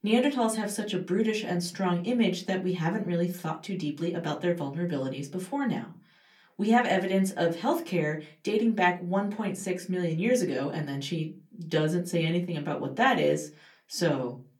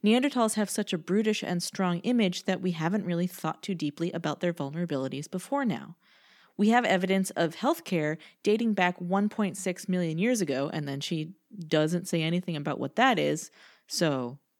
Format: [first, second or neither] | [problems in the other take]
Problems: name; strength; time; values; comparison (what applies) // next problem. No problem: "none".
second | off-mic speech; far // room echo; very slight; dies away in 0.2 s